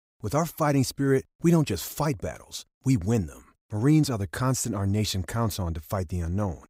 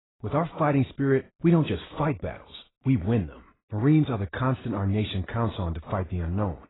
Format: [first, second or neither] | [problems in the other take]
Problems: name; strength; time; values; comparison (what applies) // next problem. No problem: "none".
first | garbled, watery; badly; nothing above 4 kHz